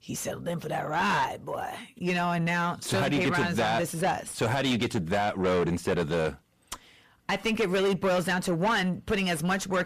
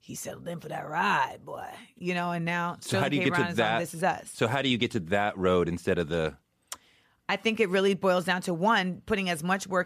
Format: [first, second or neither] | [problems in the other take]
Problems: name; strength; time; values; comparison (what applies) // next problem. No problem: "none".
second | distortion; heavy; 7 dB below the speech